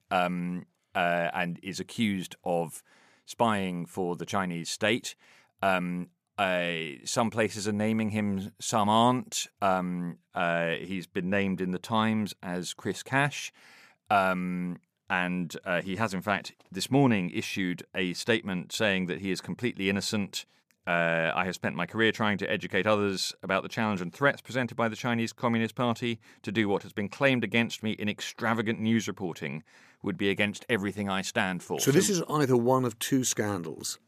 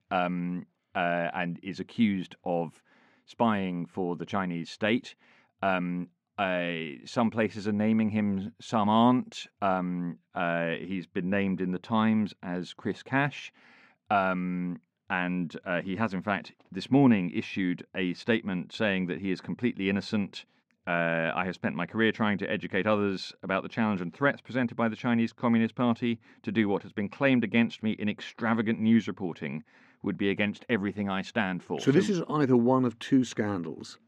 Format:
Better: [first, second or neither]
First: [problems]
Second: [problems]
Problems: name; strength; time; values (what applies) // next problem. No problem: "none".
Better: first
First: none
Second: muffled; slightly; fading above 3 kHz